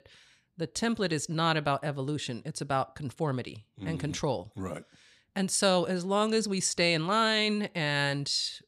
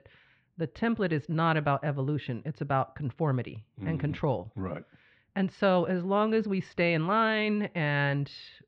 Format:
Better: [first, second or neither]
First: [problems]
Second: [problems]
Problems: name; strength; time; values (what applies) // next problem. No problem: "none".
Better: first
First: none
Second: muffled; very; fading above 2.5 kHz